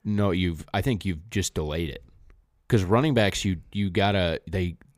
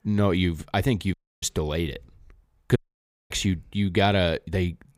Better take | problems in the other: first | audio cutting out; at 1 s and at 3 s for 0.5 s

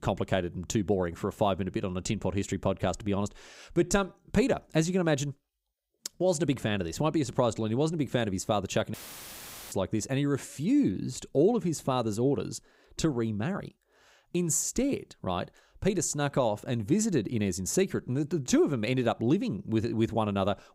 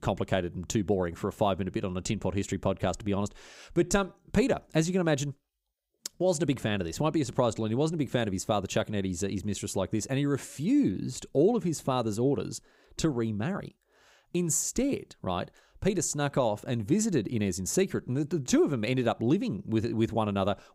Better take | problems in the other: second | audio cutting out; filled with static; at 9 s for 1 s

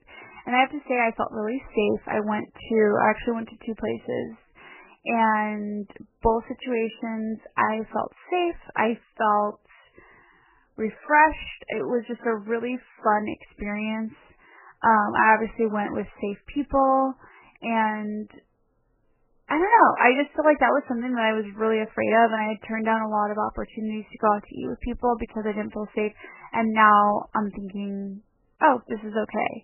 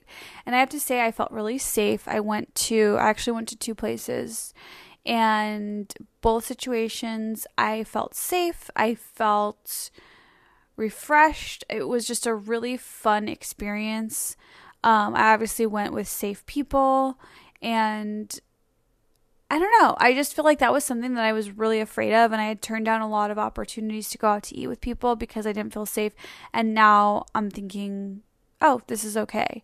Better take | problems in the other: second | garbled, watery; badly; nothing above 3 kHz

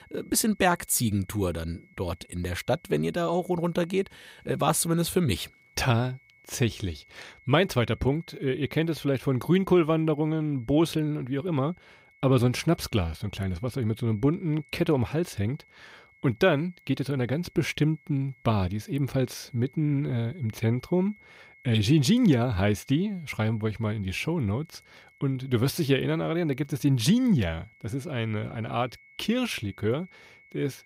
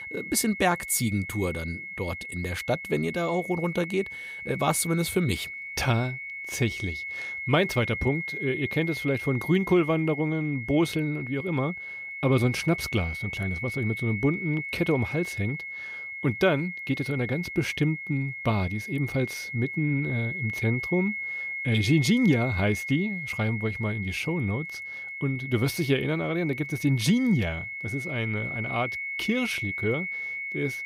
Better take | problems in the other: first | high-pitched whine; loud; throughout; 2 kHz, 6 dB below the speech; faint in the first

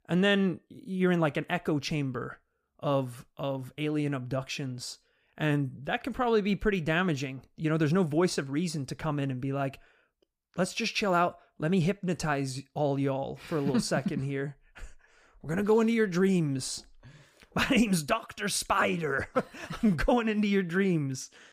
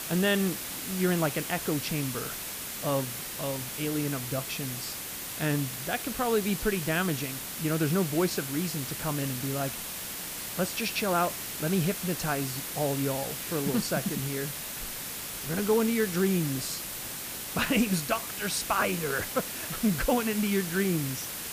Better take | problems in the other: first | hiss; loud; throughout; 4 dB below the speech

